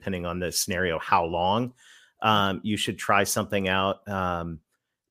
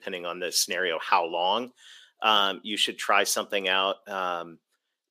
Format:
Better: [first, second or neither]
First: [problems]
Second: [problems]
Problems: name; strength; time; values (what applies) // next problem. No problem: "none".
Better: first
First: none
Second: thin; somewhat; fading below 300 Hz